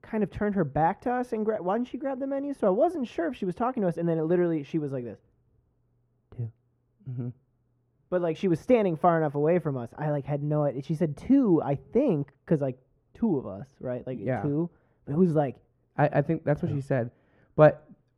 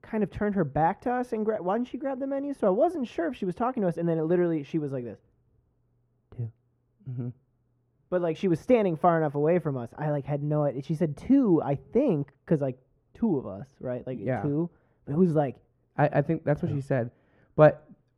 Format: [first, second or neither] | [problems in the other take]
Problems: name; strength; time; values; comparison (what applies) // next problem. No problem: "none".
neither | muffled; very; fading above 2 kHz; the same in both